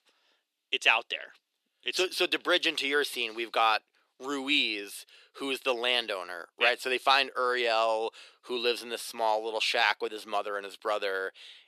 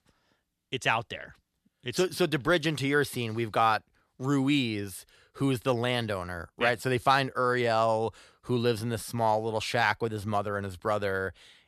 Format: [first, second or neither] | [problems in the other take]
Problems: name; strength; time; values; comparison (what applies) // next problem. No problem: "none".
second | thin; somewhat; fading below 350 Hz